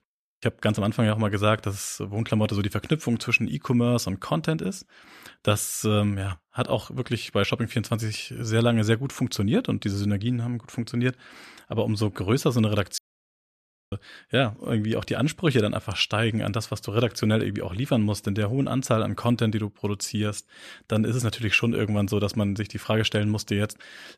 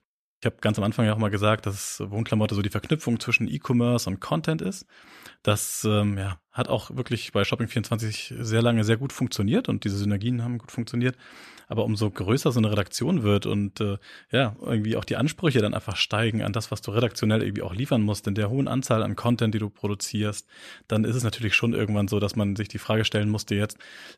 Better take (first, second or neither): second